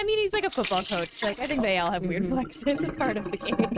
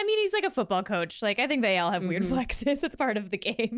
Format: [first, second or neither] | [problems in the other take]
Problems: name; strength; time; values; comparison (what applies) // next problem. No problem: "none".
second | noise reduction (neural mask model RNNoise)